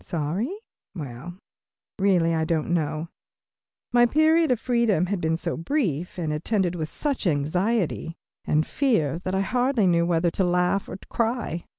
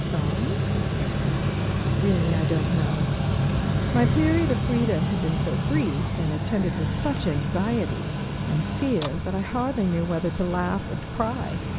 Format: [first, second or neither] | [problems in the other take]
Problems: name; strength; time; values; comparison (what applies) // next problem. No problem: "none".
first | background sound (Mechanical fan); 2 dB above the speech